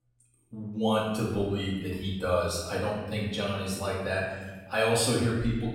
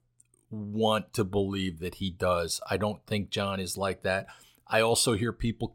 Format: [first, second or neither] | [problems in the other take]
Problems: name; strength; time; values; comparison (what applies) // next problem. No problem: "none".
second | off-mic speech; far // room echo; noticeable; dies away in 1.3 s